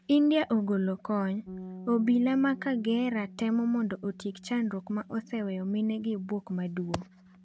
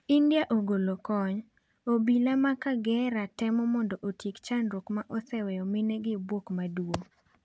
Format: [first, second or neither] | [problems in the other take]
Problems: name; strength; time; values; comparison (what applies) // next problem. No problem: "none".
second | background sound (Bass guitar); 19 dB below the speech